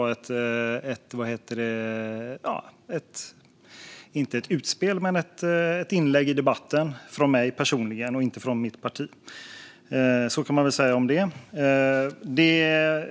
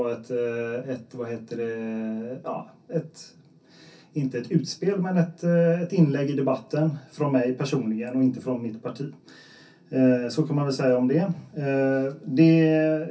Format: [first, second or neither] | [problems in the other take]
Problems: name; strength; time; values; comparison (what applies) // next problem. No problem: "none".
first | room echo; dies away in 0.3 s